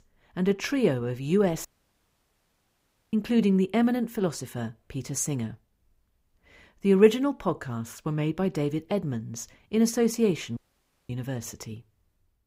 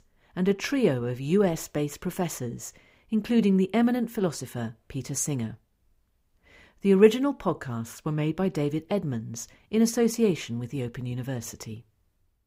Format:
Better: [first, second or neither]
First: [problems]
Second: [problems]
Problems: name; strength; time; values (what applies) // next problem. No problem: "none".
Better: second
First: audio cutting out; at 1.5 s for 1.5 s and at 11 s for 0.5 s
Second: none